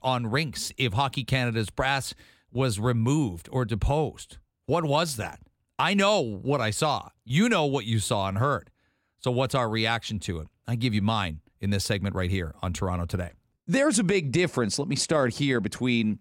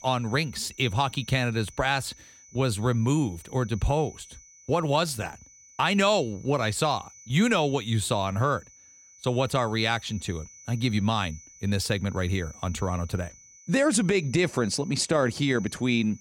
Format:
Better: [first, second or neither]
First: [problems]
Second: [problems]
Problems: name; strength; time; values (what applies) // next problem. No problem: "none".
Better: first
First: none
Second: high-pitched whine; faint; throughout; 6 kHz, 20 dB below the speech